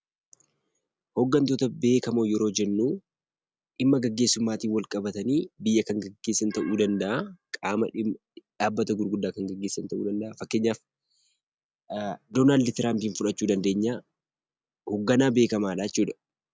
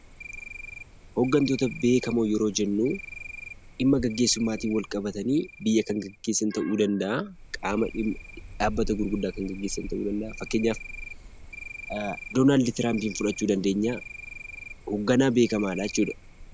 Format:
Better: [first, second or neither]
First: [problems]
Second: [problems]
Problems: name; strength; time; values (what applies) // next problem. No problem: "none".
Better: first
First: none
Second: background sound (Cricket); 14 dB below the speech